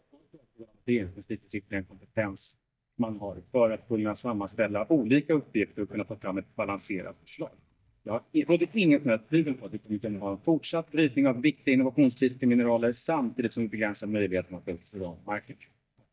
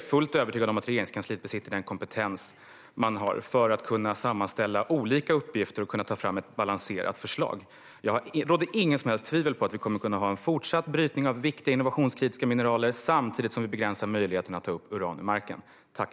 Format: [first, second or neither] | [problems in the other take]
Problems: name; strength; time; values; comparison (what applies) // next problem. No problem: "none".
second | noise reduction (neural mask model DeepFilterNet 3)